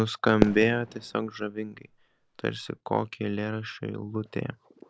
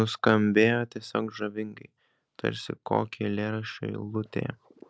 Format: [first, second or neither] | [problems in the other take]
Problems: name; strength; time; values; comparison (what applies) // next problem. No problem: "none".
second | background sound (Fireworks); 5 dB below the speech